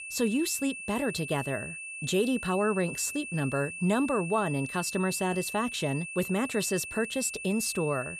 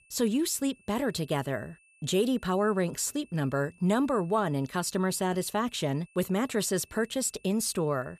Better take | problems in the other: second | high-pitched whine; loud; throughout; 2.5 kHz, 8 dB below the speech; faint in the second

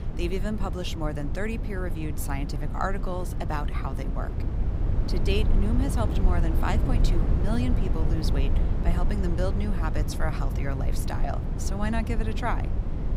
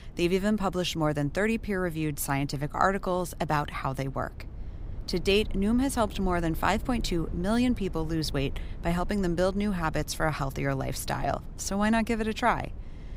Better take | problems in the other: second | low rumble; loud; throughout; 6 dB below the speech; faint in the second

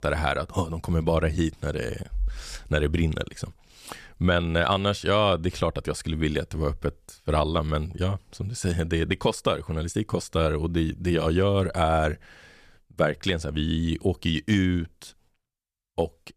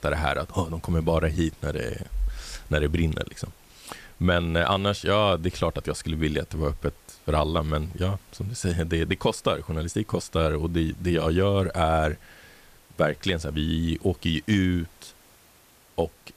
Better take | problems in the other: first | hiss; faint; throughout; 30 dB below the speech

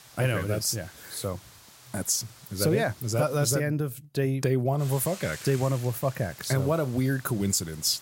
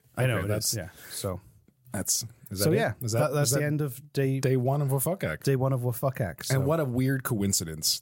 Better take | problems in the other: second | hiss; noticeable; until 3.5 s and from 5 s on; 20 dB below the speech

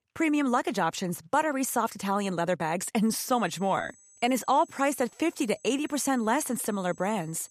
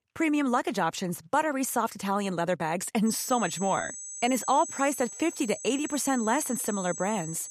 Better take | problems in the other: first | high-pitched whine; loud; from 3 s on; 8 kHz, 9 dB below the speech; faint in the first

